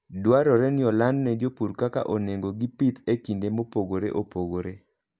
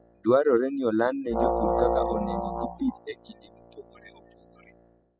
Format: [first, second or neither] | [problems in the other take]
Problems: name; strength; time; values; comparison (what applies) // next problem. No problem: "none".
first | noise reduction (classical method spectral subtraction)